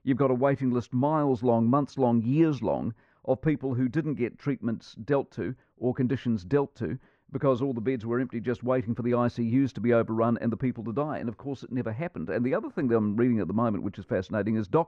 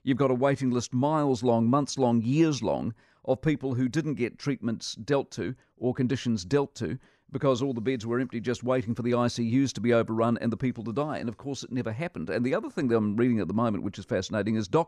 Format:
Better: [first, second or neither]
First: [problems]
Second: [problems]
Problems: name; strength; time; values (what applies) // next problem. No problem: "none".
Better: second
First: muffled; very; fading above 3.5 kHz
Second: none